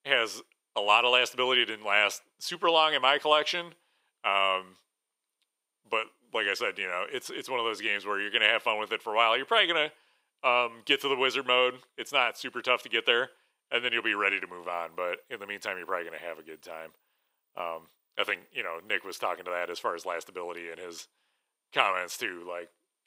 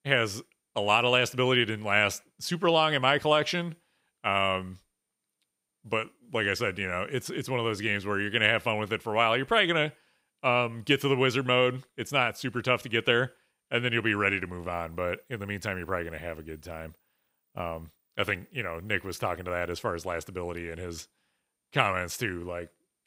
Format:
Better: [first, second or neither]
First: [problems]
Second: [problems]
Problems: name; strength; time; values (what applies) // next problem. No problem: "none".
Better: second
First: thin; somewhat; fading below 450 Hz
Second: none